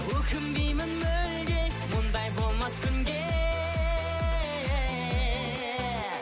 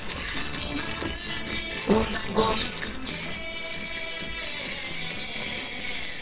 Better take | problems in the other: first | noise reduction (neural separator model SepFormer WHAMR!)

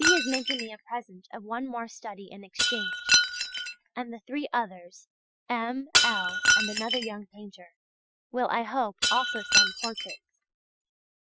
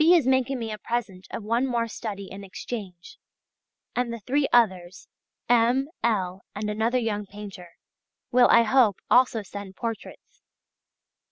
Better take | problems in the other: second | noise reduction (classical method Wiener filter)

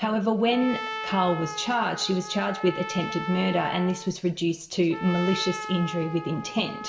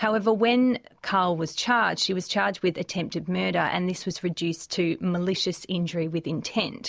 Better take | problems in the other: second | background sound (Trumpet); 10 dB below the speech // room echo; dies away in 0.6 s

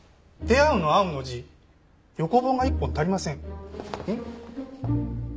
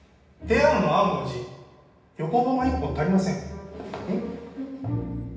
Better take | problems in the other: first | room echo; dies away in 0.9 s

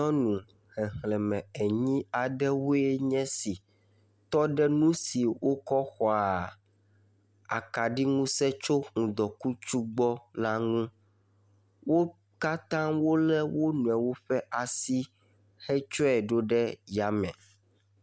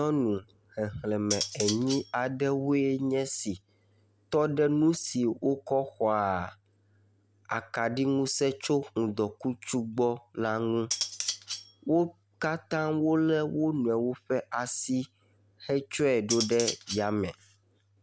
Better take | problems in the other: first | background sound (Cutlery, silverware); 7 dB below the speech

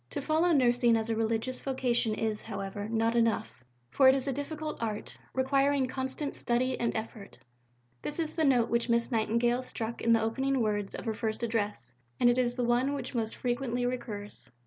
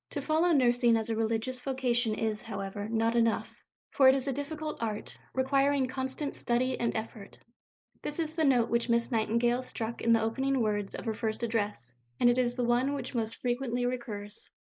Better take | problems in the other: first | noise reduction (neural mask model Resemble Enhance denoiser)

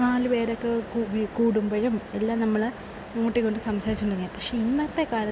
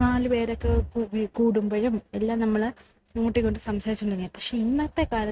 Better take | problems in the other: first | noise reduction (neural mask model RNNoise)

